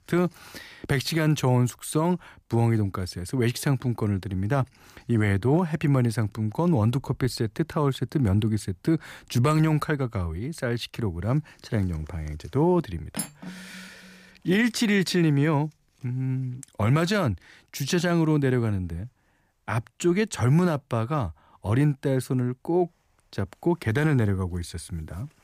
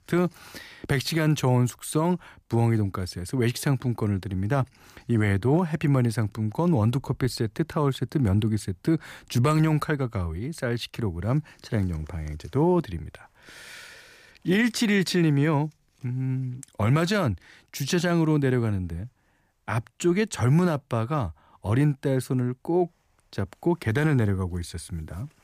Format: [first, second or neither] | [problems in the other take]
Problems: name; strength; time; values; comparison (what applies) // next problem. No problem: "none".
second | clattering dishes; noticeable; at 13 s; peak 8 dB below the speech